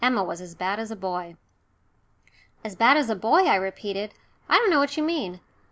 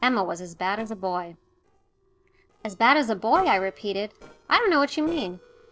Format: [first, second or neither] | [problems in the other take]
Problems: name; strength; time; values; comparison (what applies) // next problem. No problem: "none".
first | noise reduction (neural separator model SepFormer DNS4)